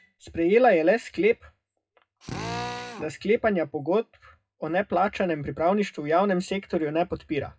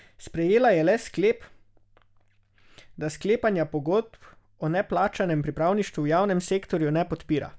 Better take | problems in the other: second | noise reduction (classical method WPE with log-MMSE)

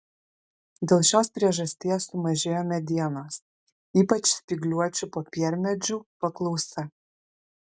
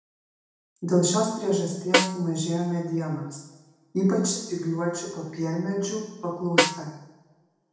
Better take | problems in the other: first | background sound (Snare drum); 1 dB above the speech // room echo; dies away in 0.9 s

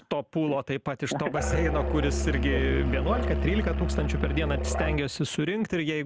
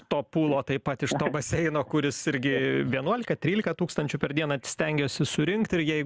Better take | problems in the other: second | background sound (Musical instrument); 1 dB above the speech

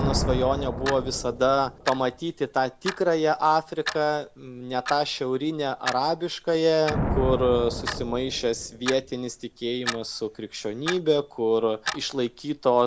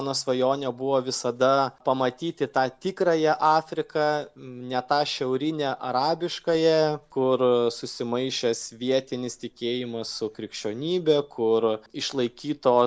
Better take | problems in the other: second | background sound (Thunder + Clock); 8 dB below the speech

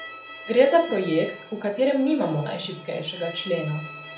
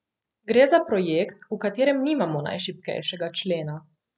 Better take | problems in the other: second | background sound (Bowed string instrument); 16 dB below the speech // room echo; dies away in 0.4 s

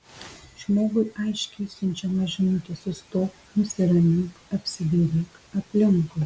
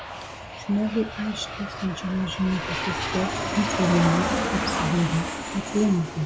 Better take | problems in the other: first | background sound (Aircraft); 3 dB below the speech

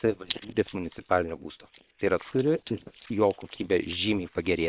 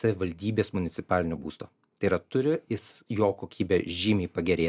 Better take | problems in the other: second | noise reduction (neural separator model SepFormer WHAM!)

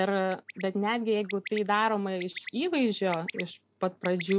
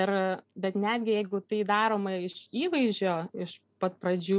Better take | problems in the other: second | background sound (Bird); 16 dB below the speech

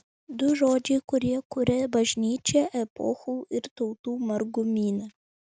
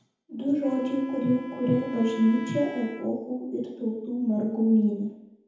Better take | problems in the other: first | background sound (Wind instrument, woodwind instrument); 17 dB below the speech // room echo; dies away in 1 s

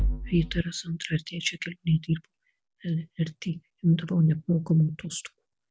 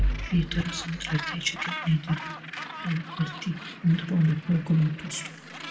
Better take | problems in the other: first | background sound (Gull, seagull); 12 dB below the speech // room echo; dies away in 1 s

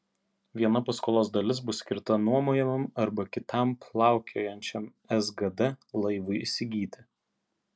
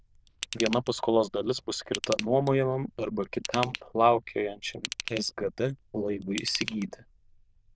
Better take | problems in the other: first | noise reduction (neural diffusion model UNIVERSE++)

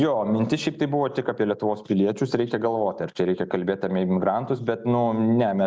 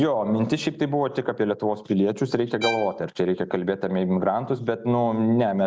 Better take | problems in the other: first | background sound (Bowed string instrument); 11 dB below the speech

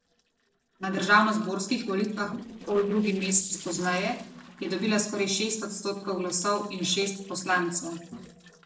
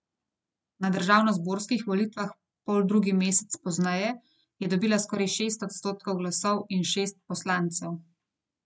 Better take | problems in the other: second | noise reduction (neural separator model SepFormer DNS4)

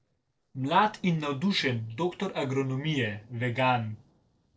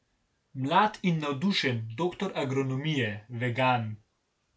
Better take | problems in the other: second | noise reduction (neural separator model SepFormer DNS4)

